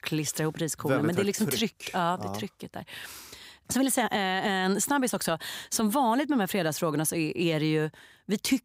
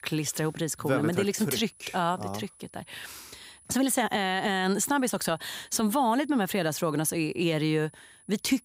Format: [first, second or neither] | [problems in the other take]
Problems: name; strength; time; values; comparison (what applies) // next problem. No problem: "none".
first | high-pitched whine; faint; throughout; 10 kHz, 25 dB below the speech